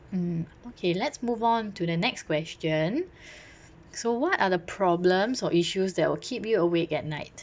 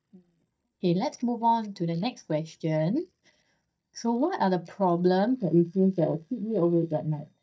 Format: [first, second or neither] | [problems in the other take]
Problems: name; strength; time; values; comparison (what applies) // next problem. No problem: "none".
first | noise reduction (neural mask model DeepFilterNet 3)